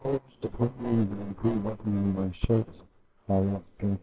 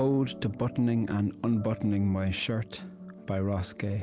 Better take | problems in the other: second | noise reduction (neural separator model SepFormer WHAMR!)

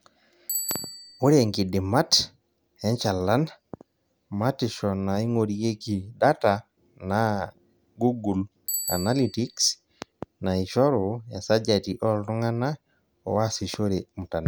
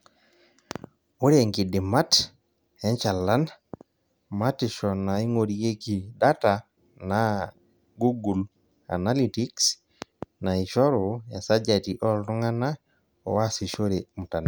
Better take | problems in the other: second | background sound (Bicycle bell); 16 dB below the speech

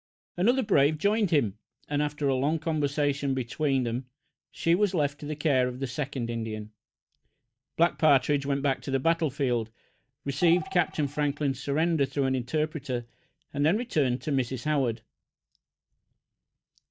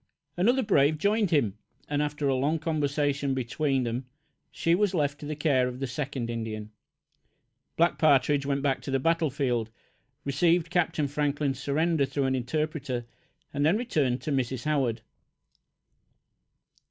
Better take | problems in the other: second | noise reduction (neural mask model DeepFilterNet 3)

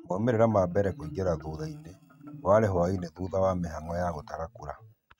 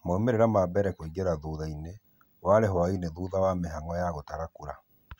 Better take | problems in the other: second | noise reduction (neural mask model RNNoise)

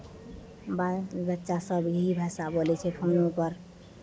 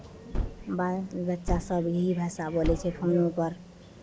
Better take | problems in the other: first | background sound (Gunshot, gunfire); 6 dB below the speech

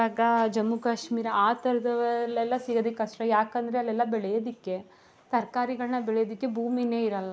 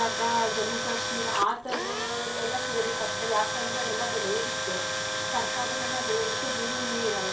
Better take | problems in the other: first | background sound (Tools); 1 dB above the speech // room echo; dies away in 0.2 s

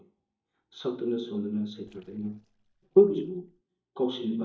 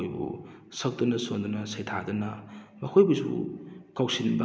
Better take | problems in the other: second | noise reduction (neural mask model DeepFilterNet 3)

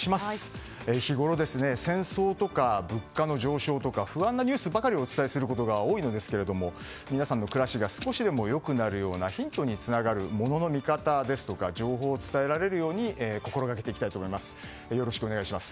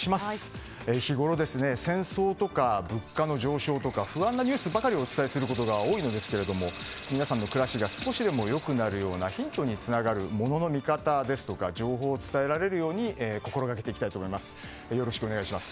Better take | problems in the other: first | background sound (Sink (filling or washing) / Water tap, faucet); 18 dB below the speech

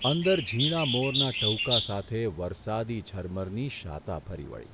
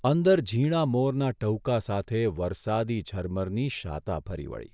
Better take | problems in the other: second | background sound (Bird); 3 dB below the speech

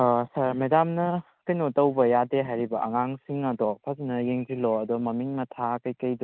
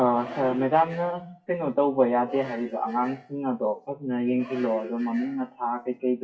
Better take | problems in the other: first | noise reduction (classical method WPE with log-MMSE)

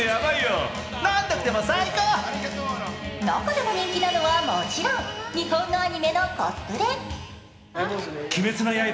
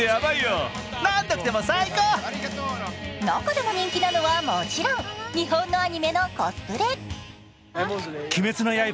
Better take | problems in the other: second | room echo; dies away in 1.7 s

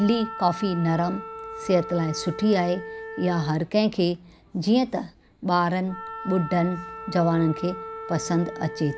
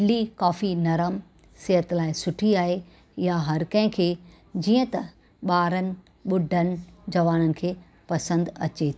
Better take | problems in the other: second | background sound (Wind instrument, woodwind instrument); 13 dB below the speech

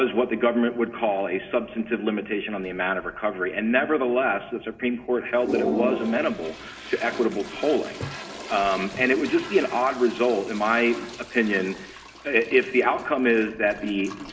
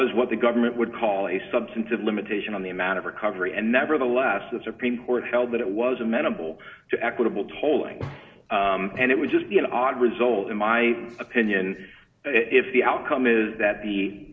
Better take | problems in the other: second | background sound (Toilet flush); 13 dB below the speech

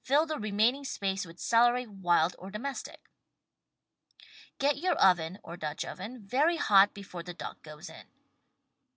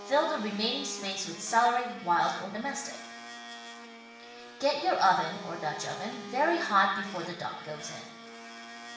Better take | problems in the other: first | background sound (Domestic sounds, home sounds); 14 dB below the speech // room echo; dies away in 0.9 s

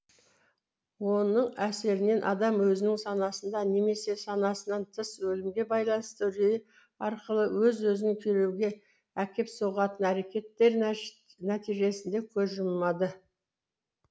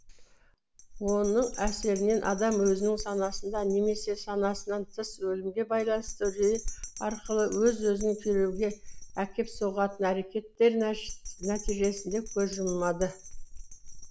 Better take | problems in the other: first | background sound (Bell); 11 dB below the speech

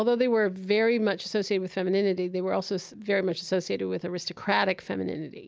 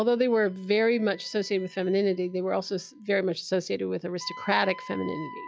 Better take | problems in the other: first | noise reduction (classical method log-MMSE)

